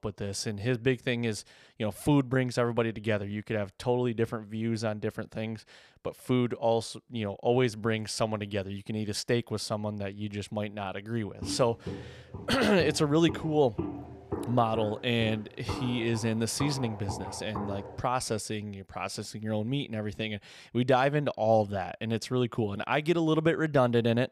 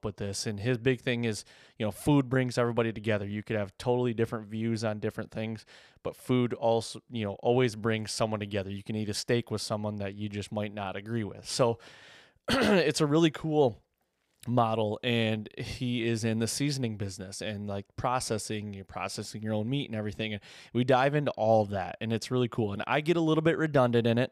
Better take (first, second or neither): second